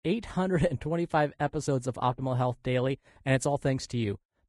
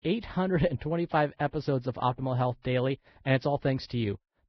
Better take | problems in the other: first | garbled, watery; badly; nothing above 5.5 kHz; slightly in the first

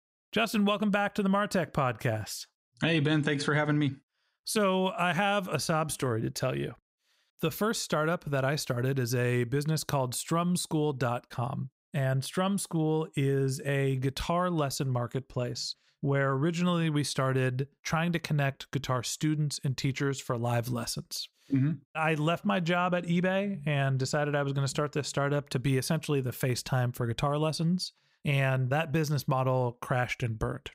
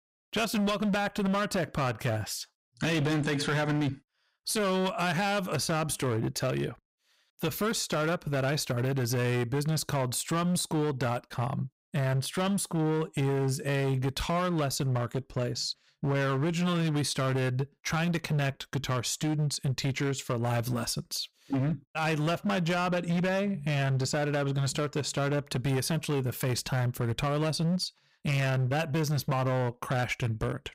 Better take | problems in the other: first | distortion; slight; 19% of the sound clipped

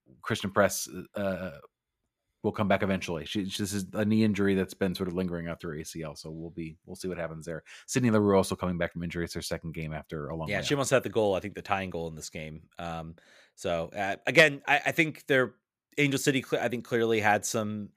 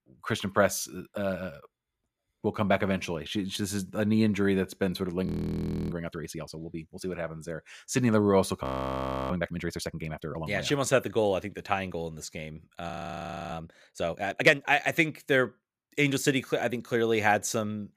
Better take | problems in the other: first | audio freezing; at 5.5 s for 0.5 s, at 8.5 s for 0.5 s and at 13 s for 0.5 s

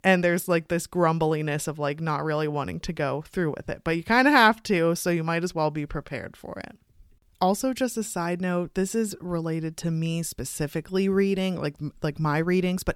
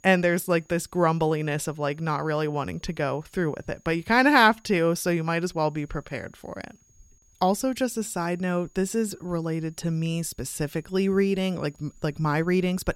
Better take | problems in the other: first | high-pitched whine; faint; throughout; 6.5 kHz, 35 dB below the speech

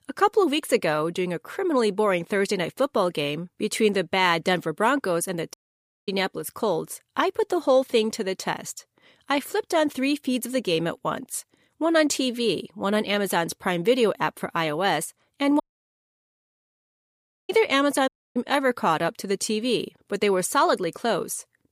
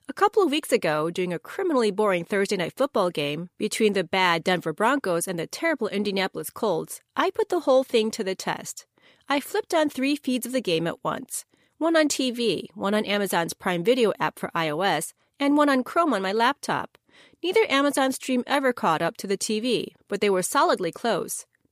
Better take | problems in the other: second | audio cutting out; at 5.5 s for 0.5 s, at 16 s for 2 s and at 18 s

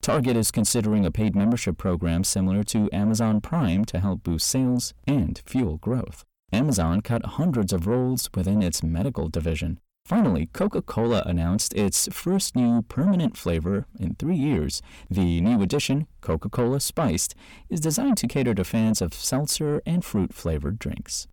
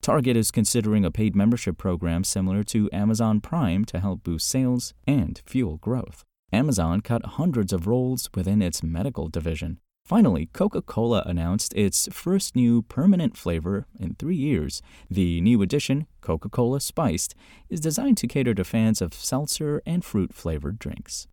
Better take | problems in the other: second | distortion; slight; 10 dB below the speech

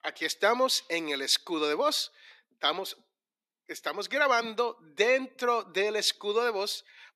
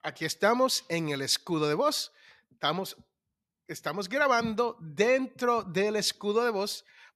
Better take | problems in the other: second | thin; very slightly; fading below 300 Hz

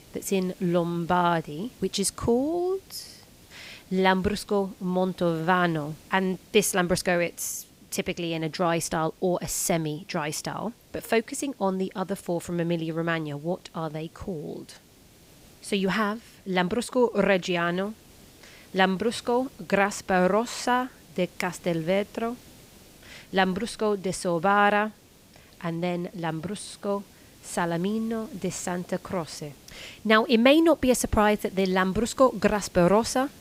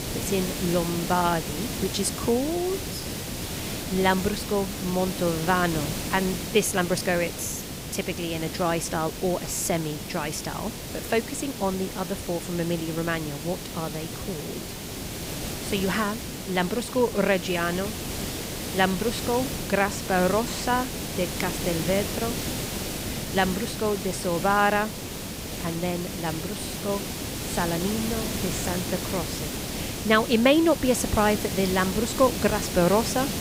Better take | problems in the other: first | hiss; loud; throughout; 5 dB below the speech; faint in the first

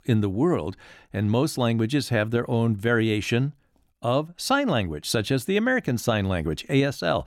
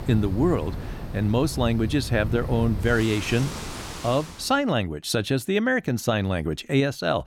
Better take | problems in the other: first | wind in the background; loud; until 4.5 s; 9 dB below the speech

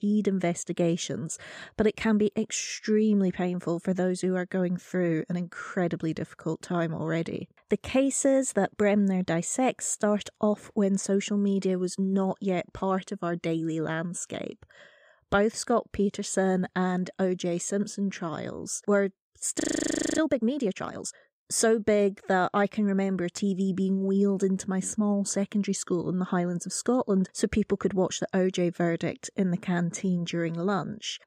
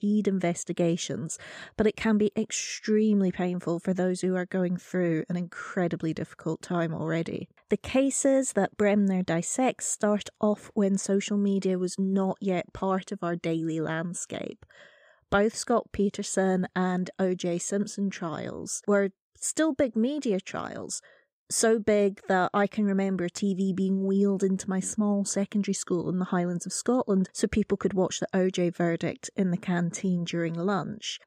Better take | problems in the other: second | audio freezing; at 20 s for 0.5 s

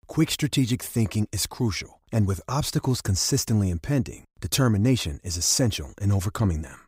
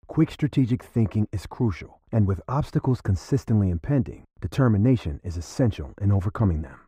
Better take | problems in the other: first | muffled; very; fading above 3 kHz

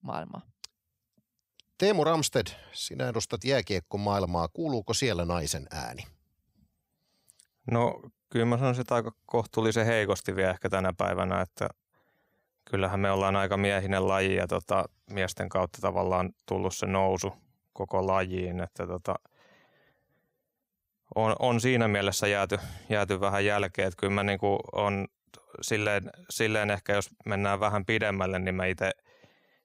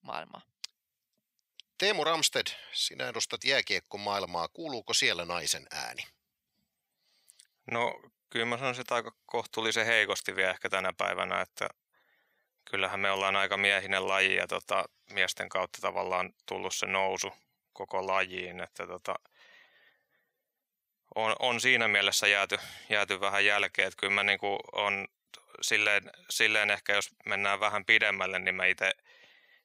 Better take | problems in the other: first | thin; somewhat; fading below 900 Hz

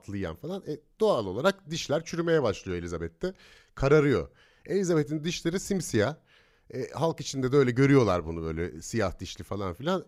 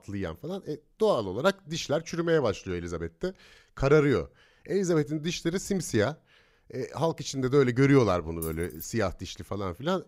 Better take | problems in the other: first | jangling keys; faint; at 8.5 s; peak 15 dB below the speech

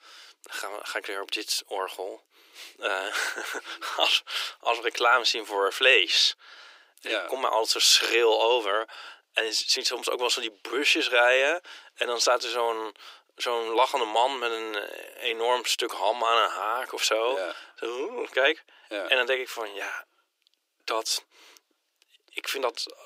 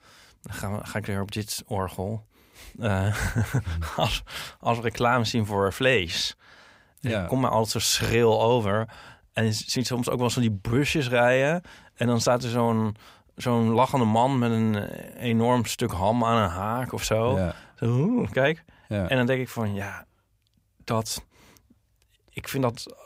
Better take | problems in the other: second | thin; very; fading below 300 Hz

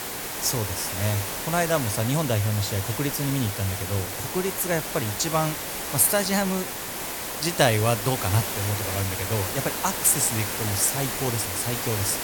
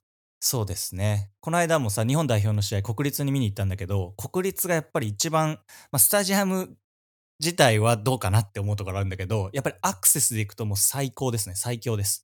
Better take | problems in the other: second | hiss; loud; throughout; 3 dB below the speech

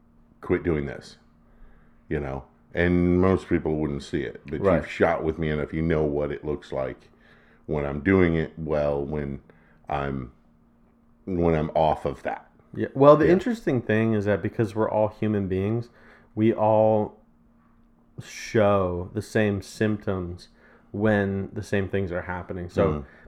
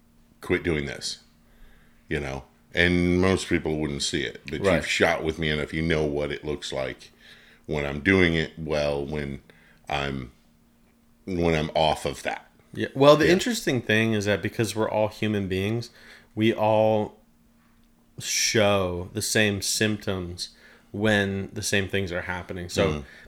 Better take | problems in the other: second | muffled; very; fading above 2 kHz

